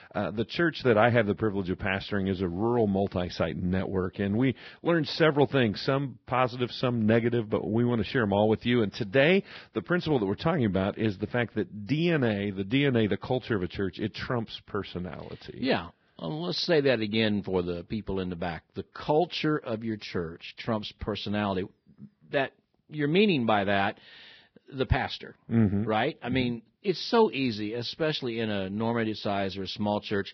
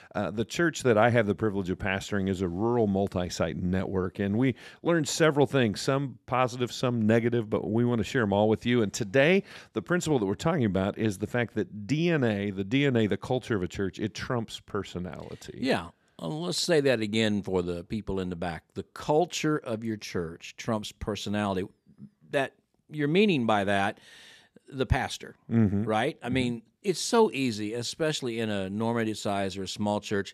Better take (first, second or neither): second